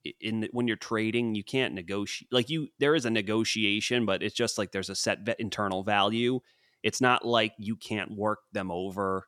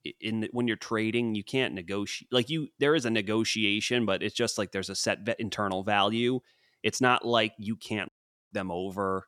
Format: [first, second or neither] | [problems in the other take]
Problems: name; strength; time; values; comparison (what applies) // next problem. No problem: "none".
first | audio cutting out; at 8 s